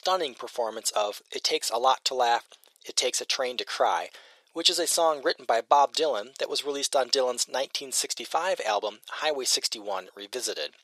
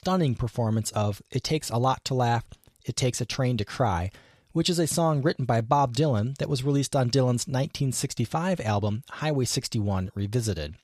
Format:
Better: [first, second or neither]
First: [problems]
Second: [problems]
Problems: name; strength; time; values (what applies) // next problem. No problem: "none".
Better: second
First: thin; very; fading below 450 Hz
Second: none